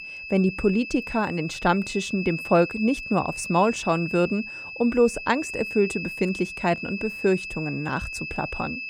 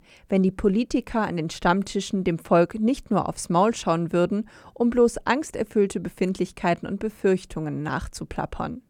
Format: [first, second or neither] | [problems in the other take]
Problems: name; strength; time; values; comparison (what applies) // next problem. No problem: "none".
second | high-pitched whine; loud; throughout; 2.5 kHz, 8 dB below the speech